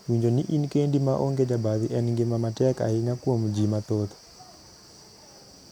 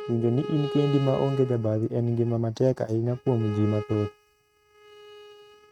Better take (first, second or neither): first